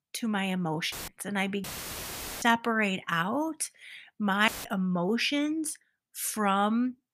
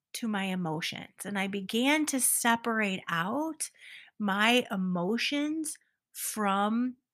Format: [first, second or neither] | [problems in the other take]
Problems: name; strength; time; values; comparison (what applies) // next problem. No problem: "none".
second | audio cutting out; filled with static; at 1 s, at 1.5 s for 1 s and at 4.5 s